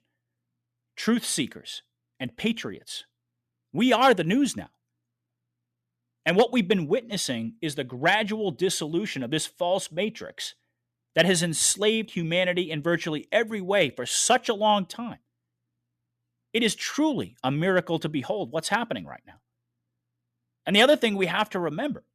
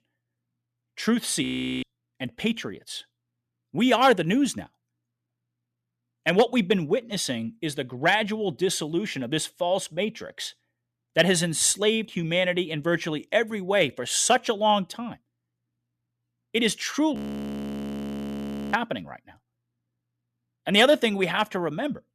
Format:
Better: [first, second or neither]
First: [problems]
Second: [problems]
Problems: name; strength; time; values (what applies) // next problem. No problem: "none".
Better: first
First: none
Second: audio freezing; at 1.5 s and at 17 s for 1.5 s